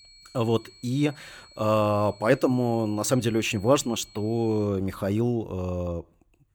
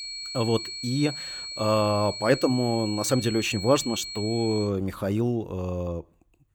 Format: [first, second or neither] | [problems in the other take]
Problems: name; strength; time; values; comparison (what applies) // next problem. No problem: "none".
first | high-pitched whine; loud; until 4.5 s; 4.5 kHz, 8 dB below the speech; faint in the first